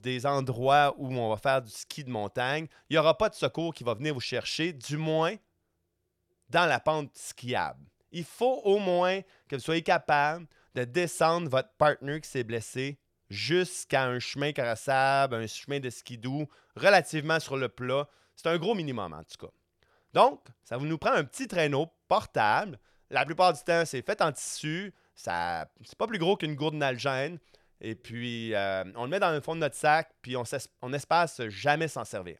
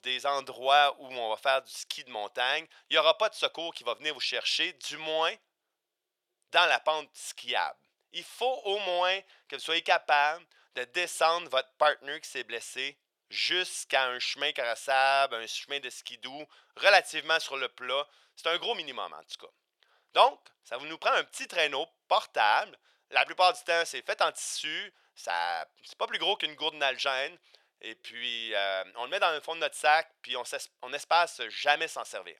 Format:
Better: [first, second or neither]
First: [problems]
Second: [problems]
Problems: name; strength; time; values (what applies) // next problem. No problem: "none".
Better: first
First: none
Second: thin; very; fading below 700 Hz